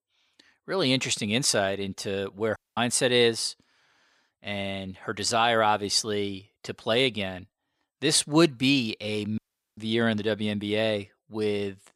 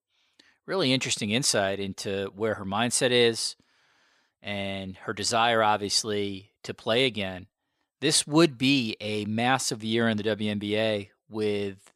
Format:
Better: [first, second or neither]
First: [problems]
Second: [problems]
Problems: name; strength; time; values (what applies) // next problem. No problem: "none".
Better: second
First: audio cutting out; at 2.5 s and at 9.5 s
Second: none